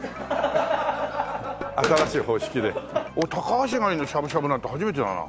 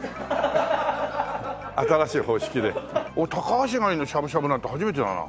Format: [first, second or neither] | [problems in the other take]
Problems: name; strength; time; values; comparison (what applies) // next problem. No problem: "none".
second | background sound (Tabla + Slam); 12 dB below the speech